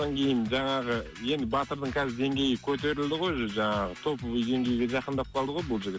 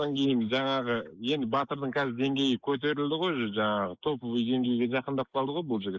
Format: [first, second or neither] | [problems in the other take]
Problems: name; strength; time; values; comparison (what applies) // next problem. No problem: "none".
first | noise reduction (neural mask model Resemble Enhance denoiser)